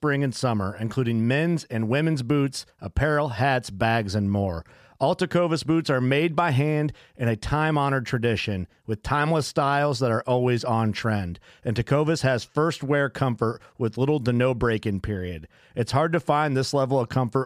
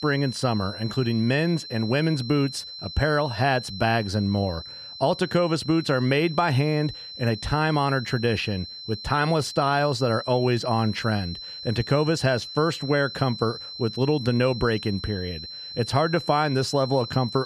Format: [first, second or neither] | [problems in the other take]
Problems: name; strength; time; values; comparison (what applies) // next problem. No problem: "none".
first | high-pitched whine; noticeable; throughout; 4 kHz, 10 dB below the speech